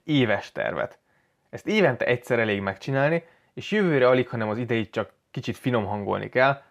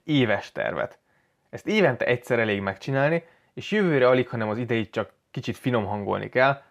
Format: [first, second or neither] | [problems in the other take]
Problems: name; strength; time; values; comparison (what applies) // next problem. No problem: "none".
neither | none